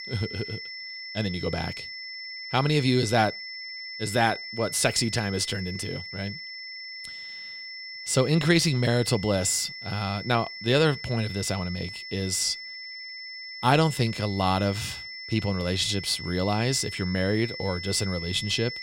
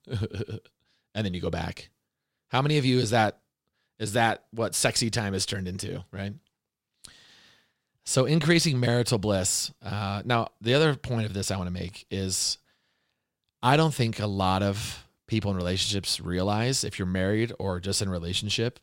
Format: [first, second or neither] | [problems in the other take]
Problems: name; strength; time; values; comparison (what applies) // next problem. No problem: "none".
second | high-pitched whine; loud; throughout; 2 kHz, 10 dB below the speech